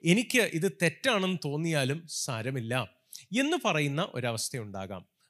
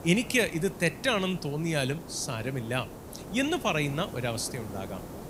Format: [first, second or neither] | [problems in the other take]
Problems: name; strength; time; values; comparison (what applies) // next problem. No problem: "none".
first | hiss; noticeable; throughout; 15 dB below the speech